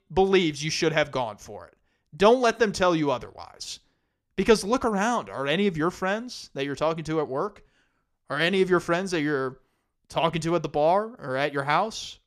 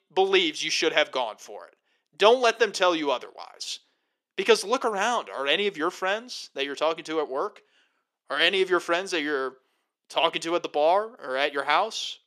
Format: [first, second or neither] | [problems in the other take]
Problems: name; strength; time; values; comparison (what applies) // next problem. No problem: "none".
first | thin; somewhat; fading below 350 Hz